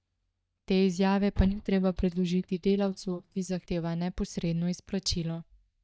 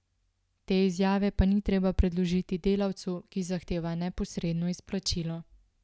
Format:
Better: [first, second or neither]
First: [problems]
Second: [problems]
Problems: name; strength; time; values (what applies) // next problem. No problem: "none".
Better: second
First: noise reduction (neural mask model DeepFilterNet 3)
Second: none